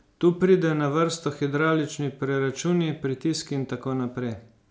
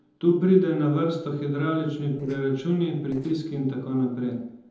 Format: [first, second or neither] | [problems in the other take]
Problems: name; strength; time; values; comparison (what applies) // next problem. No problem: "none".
first | noise reduction (neural separator model SepFormer DNS4)